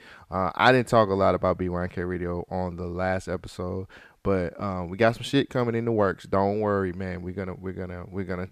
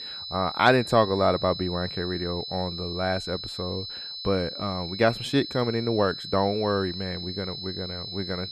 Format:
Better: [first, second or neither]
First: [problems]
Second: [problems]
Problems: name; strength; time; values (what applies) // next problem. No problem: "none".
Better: first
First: none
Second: high-pitched whine; loud; throughout; 4 kHz, 7 dB below the speech